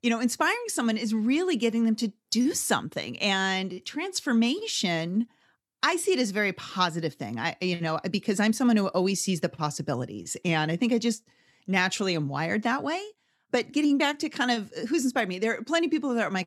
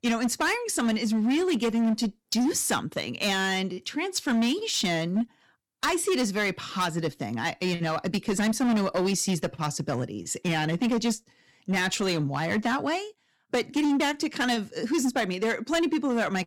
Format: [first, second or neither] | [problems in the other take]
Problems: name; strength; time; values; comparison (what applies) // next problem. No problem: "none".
first | distortion; slight; 13% of the sound clipped